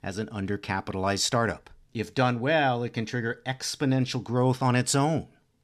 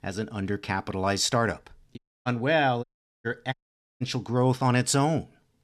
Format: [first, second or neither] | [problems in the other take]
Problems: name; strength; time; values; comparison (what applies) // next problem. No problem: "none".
first | audio cutting out; at 2 s, at 3 s and at 3.5 s